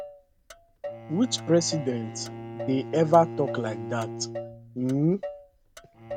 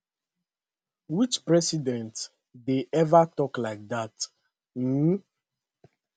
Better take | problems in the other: second | background sound (Motor vehicle (road) + Bowed string instrument); 10 dB below the speech

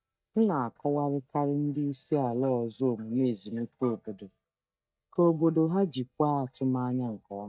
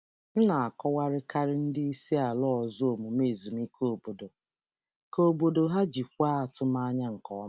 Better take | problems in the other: second | noise reduction (neural mask model DeepFilterNet 3)

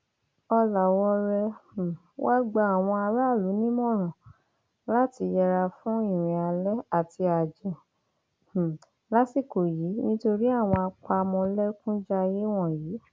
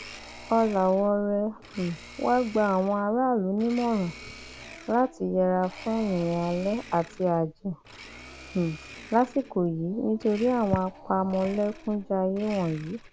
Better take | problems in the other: first | background sound (Growling + Domestic sounds, home sounds); 18 dB below the speech

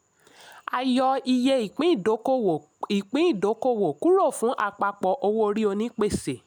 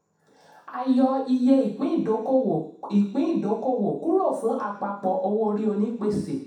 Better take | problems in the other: first | room echo; dies away in 0.7 s

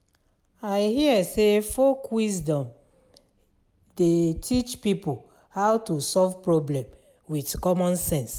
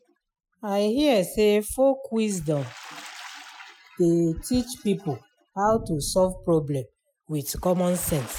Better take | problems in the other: first | noise reduction (classical method Wiener filter)

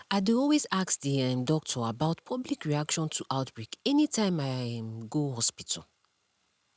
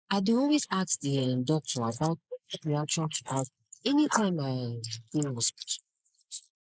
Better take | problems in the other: first | noise reduction (neural mask model Resemble Enhance denoiser)

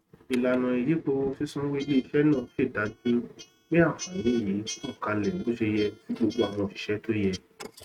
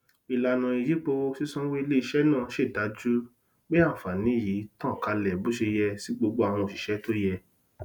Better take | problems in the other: second | noise reduction (neural mask model RNNoise)

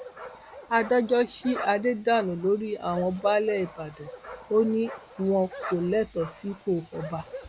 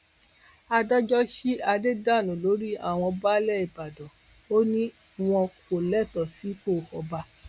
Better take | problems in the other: second | background sound (Bark); 15 dB below the speech

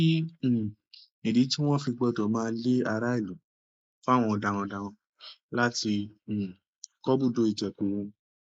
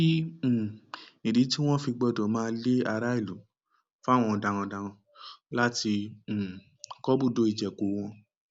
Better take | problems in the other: second | noise reduction (neural mask model Resemble Enhance denoiser)

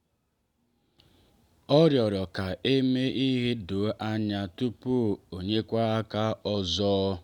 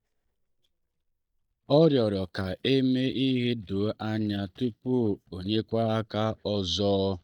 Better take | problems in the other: first | noise reduction (neural mask model DeepFilterNet 3)

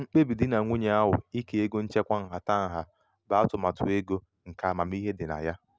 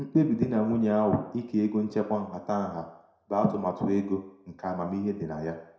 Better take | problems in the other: first | room echo; dies away in 0.5 s

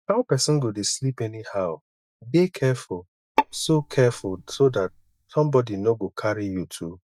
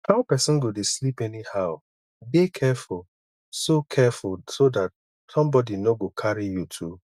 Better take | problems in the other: second | noise reduction (neural mask model DeepFilterNet 3)

